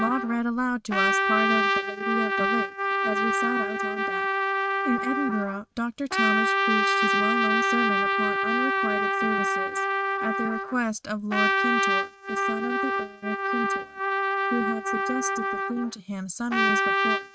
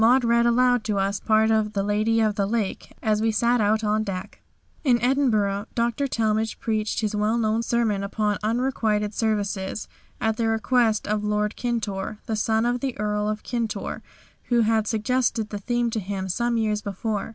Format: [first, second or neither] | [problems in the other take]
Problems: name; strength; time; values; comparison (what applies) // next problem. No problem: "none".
second | noise reduction (neural mask model RNNoise)